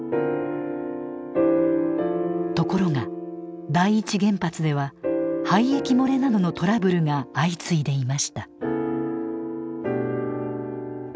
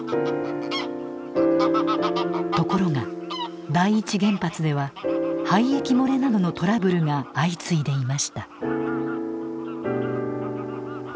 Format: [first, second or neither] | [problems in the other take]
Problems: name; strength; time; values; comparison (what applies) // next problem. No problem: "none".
first | background sound (Fowl); 13 dB below the speech